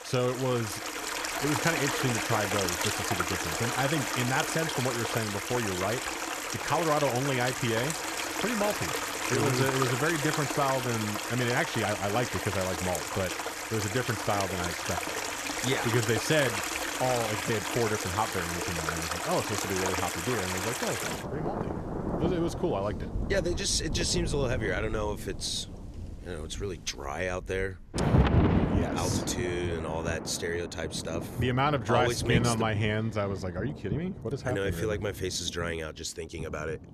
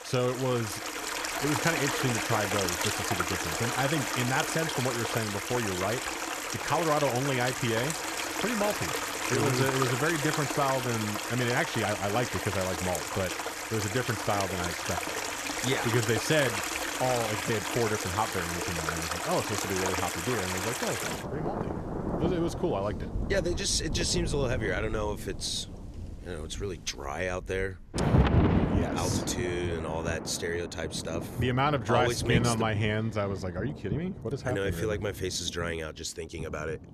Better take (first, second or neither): neither